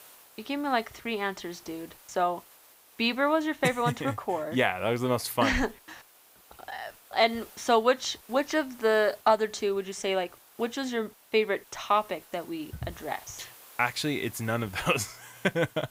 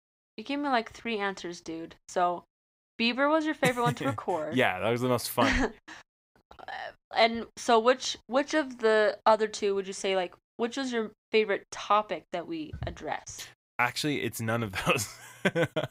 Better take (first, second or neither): second